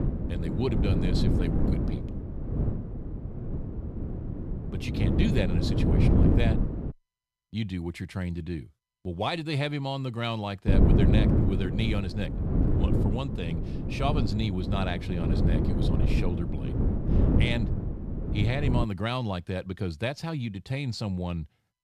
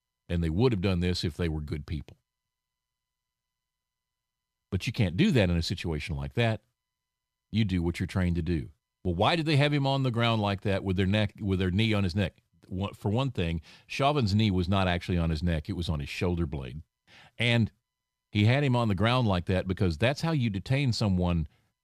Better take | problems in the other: second | wind noise on the microphone; heavy; until 7 s and from 11 to 19 s; 2 dB below the speech

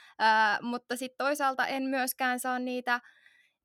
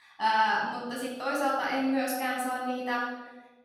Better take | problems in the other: first | off-mic speech; far // room echo; noticeable; dies away in 1.1 s

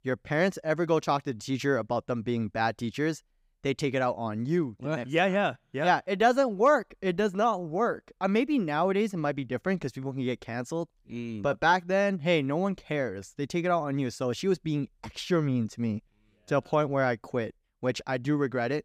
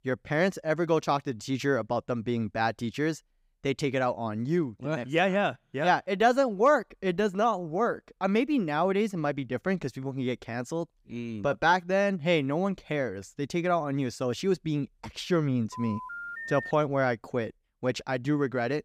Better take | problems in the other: first | phone ringing; noticeable; at 16 s; peak 8 dB below the speech

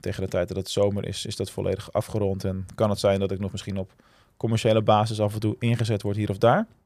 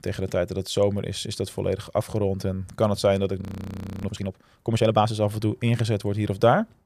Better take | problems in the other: first | audio freezing; at 3.5 s for 0.5 s

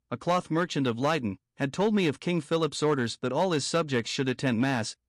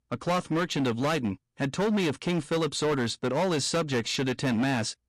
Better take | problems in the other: first | distortion; slight; 18% of the sound clipped

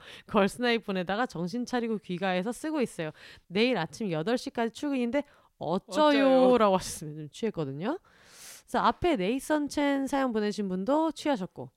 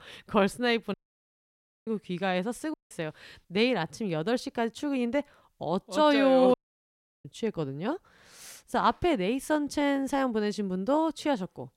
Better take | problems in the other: first | audio cutting out; at 1 s for 1 s, at 2.5 s and at 6.5 s for 0.5 s

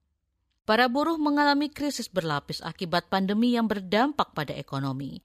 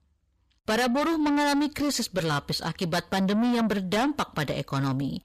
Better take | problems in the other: first | distortion; heavy; 6 dB below the speech

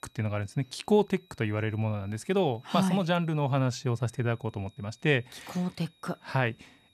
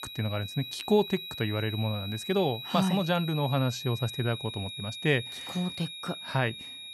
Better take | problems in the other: first | high-pitched whine; loud; throughout; 4 kHz, 8 dB below the speech; faint in the first

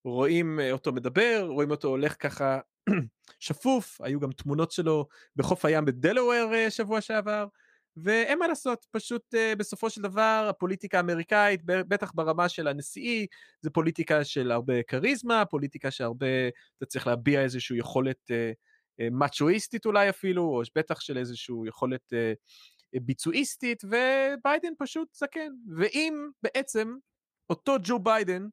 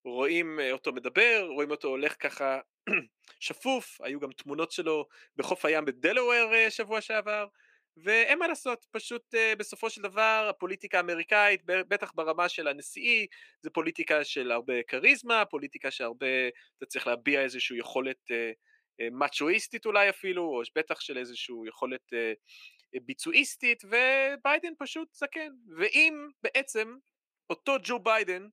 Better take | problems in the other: first | thin; somewhat; fading below 300 Hz

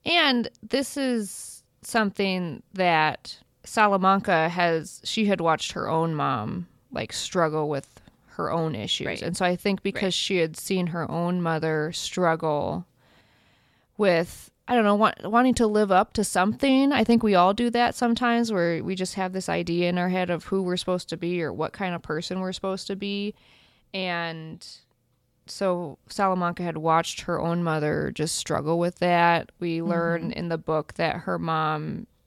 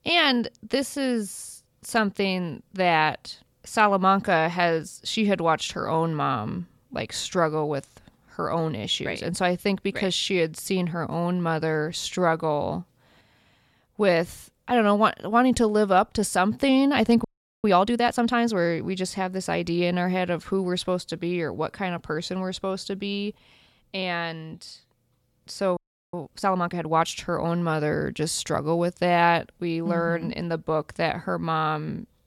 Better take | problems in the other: first | audio freezing; at 17 s and at 26 s

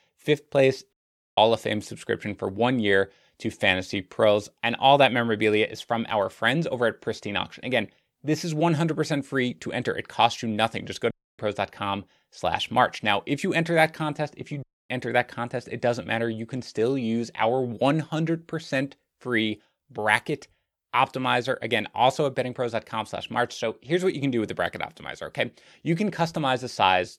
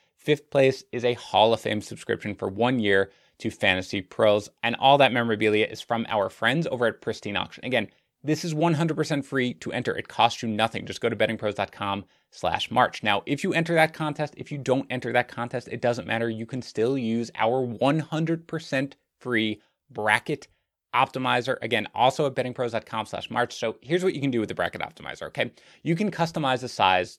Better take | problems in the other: second | audio cutting out; at 1 s, at 11 s and at 15 s

